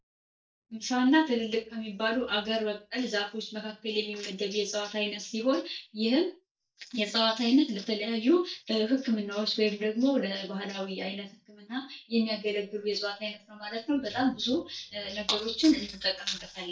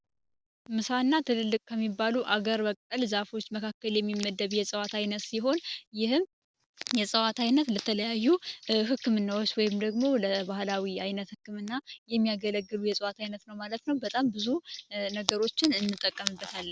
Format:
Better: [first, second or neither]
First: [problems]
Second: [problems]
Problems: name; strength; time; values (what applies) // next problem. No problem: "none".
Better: second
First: noise reduction (neural mask model DeepFilterNet 3)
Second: none